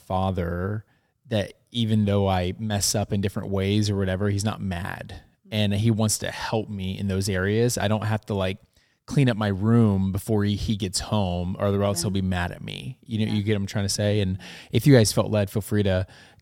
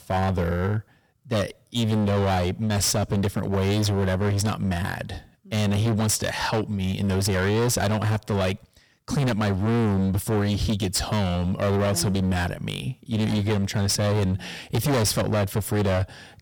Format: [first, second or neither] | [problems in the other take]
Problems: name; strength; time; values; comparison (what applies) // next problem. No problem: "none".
first | distortion; heavy; 24% of the sound clipped